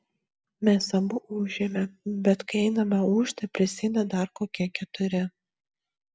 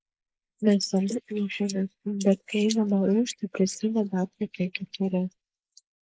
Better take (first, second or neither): first